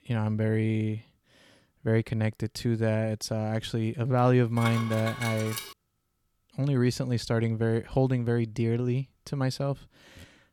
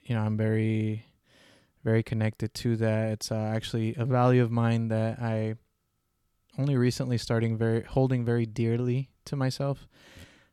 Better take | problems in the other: second | clattering dishes; noticeable; from 4.5 to 5.5 s; peak 6 dB below the speech

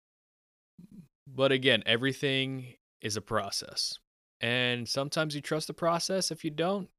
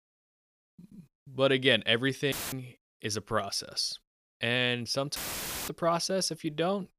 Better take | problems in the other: first | audio cutting out; filled with static; at 2.5 s and at 5 s for 0.5 s

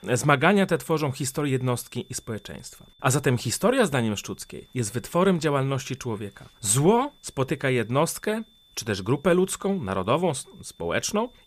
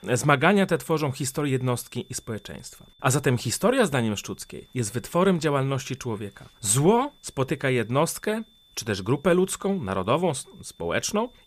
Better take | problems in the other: neither | high-pitched whine; faint; throughout; 3.5 kHz, 30 dB below the speech; the same in both

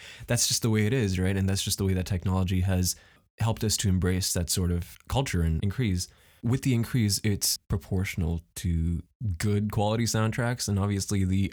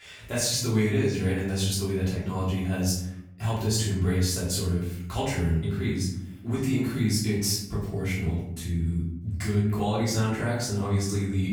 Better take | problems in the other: first | room echo; noticeable; dies away in 0.7 s // off-mic speech; far

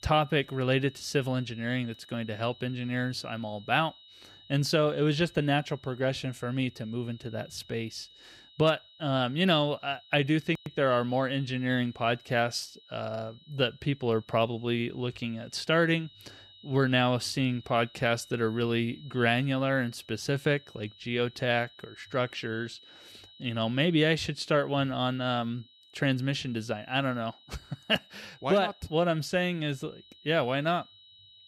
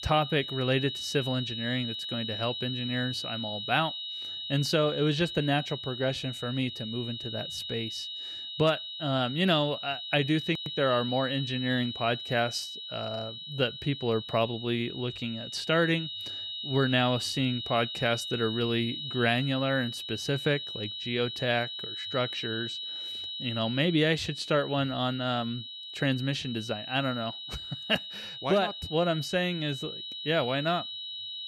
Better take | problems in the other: first | high-pitched whine; loud; throughout; 4 kHz, 6 dB below the speech; faint in the first

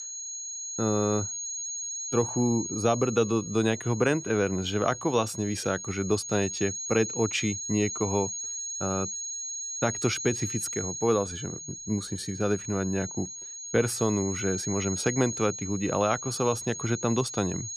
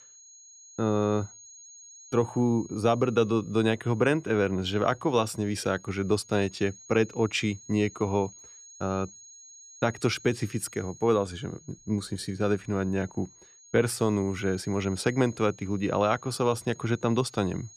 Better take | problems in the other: second | high-pitched whine; loud; throughout; 6.5 kHz, 5 dB below the speech; faint in the second

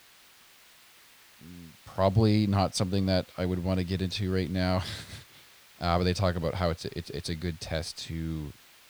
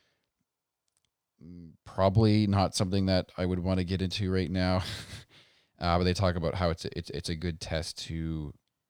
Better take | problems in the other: second | hiss; faint; throughout; 25 dB below the speech

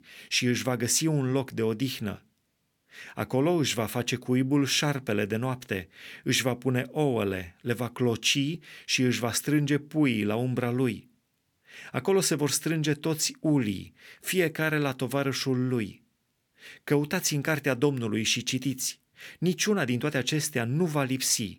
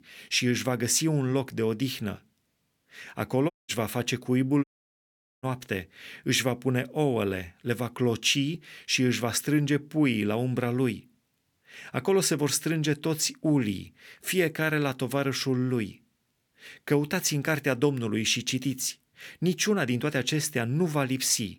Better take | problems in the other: first | audio cutting out; at 3.5 s and at 4.5 s for 1 s

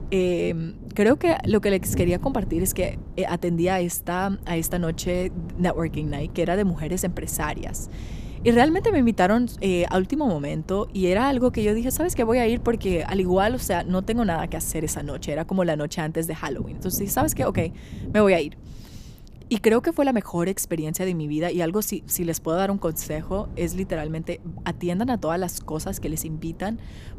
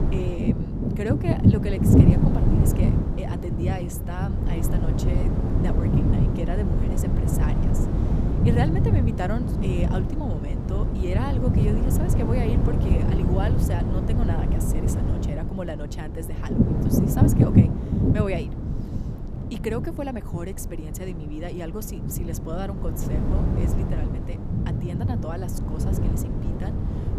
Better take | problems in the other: first | wind noise on the microphone; heavy; 2 dB above the speech; occasional gusts in the first

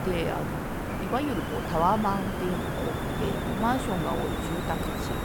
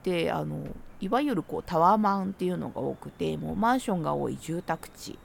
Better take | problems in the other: second | hiss; loud; throughout; 1 dB below the speech; faint in the second

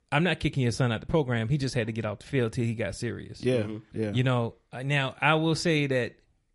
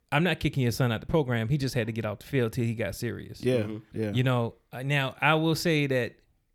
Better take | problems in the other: second | garbled, watery; slightly; nothing above 11 kHz

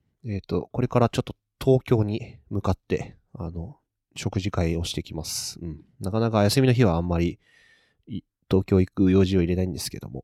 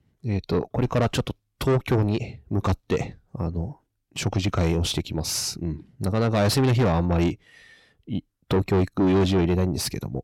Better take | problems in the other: first | distortion; heavy; 7 dB below the speech

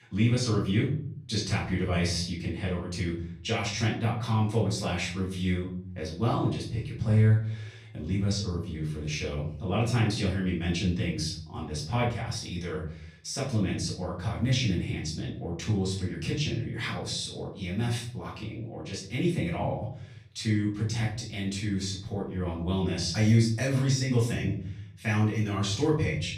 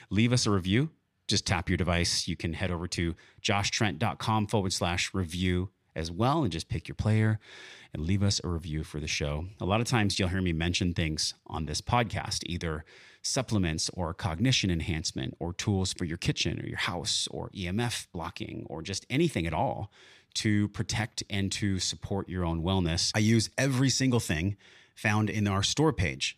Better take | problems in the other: second | off-mic speech; far // room echo; noticeable; dies away in 0.7 s

